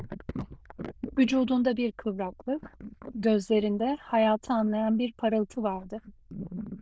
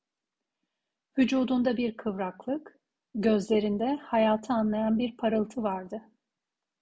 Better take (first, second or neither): second